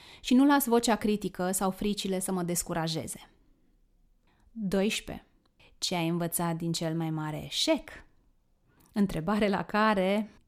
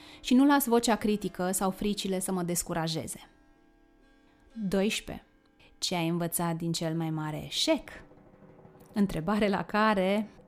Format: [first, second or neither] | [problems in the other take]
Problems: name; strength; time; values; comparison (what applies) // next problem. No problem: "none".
first | background music; faint; throughout; 30 dB below the speech